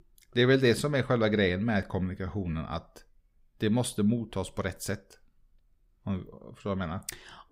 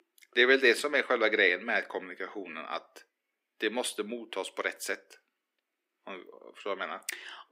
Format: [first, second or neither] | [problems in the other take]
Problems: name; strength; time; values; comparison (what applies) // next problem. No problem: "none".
first | thin; very; fading below 300 Hz